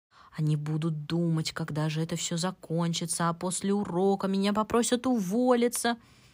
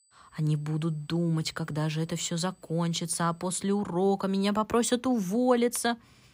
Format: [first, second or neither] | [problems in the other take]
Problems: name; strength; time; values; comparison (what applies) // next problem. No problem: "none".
first | high-pitched whine; faint; until 3.5 s; 8 kHz, 35 dB below the speech